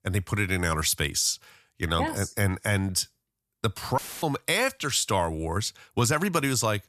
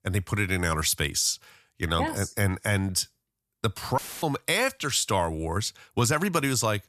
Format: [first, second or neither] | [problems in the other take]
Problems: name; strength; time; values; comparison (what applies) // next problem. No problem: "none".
neither | audio cutting out; filled with static; at 4 s; the same in both